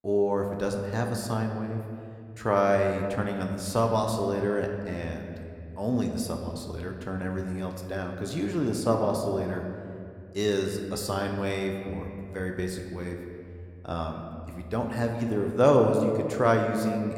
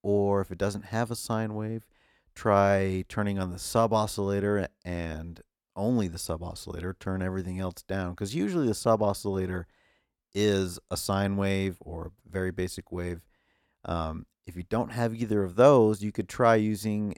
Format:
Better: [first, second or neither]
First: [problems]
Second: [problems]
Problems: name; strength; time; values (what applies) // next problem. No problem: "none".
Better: second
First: room echo; slight; dies away in 2 s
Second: none